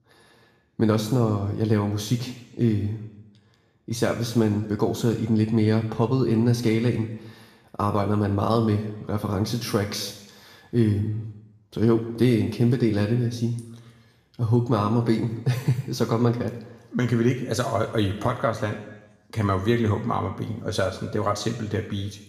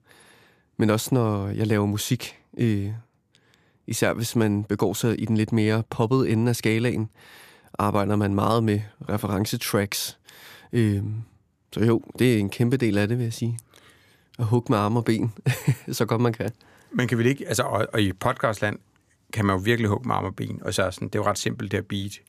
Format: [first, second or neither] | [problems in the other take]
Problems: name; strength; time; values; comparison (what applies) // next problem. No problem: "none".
second | room echo; slight; dies away in 0.9 s // off-mic speech; somewhat distant